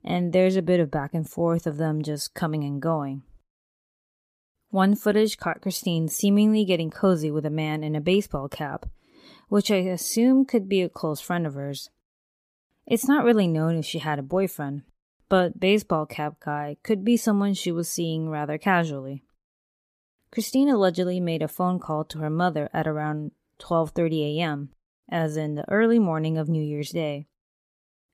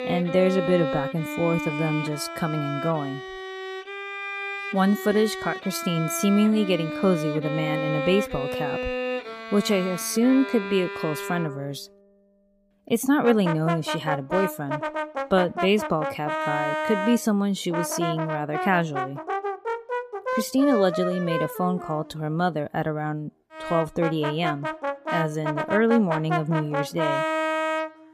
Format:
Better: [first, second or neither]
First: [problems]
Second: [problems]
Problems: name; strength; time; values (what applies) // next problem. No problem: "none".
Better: first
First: none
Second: background music; loud; throughout; 5 dB below the speech